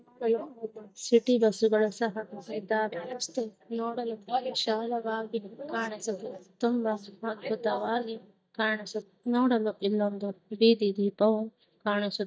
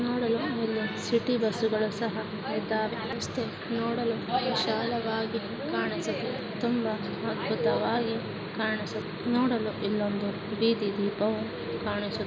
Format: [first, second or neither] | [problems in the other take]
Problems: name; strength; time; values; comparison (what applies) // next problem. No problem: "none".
second | noise reduction (neural mask model DeepFilterNet 3)